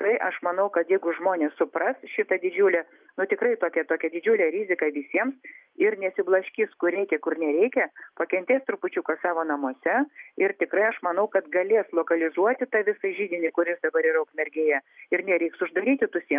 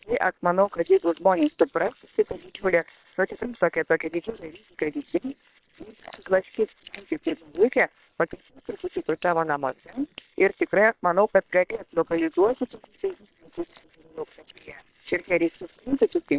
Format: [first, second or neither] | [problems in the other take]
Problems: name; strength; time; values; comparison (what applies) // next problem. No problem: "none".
first | noise reduction (neural separator model SepFormer WHAM!)